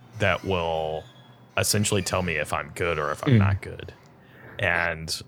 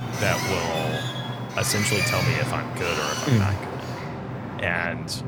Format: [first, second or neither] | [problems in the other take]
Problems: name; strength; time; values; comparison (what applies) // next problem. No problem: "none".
first | train or aircraft noise; loud; throughout; 1 dB below the speech; faint in the first